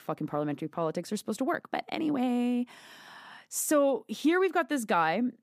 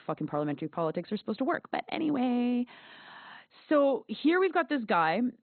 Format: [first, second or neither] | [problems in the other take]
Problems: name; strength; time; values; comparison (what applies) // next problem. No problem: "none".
first | garbled, watery; badly; nothing above 4 kHz